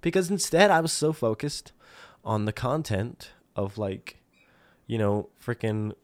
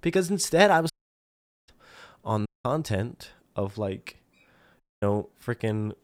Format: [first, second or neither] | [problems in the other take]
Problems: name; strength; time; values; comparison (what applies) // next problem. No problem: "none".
first | audio cutting out; at 1 s for 1 s, at 2.5 s and at 5 s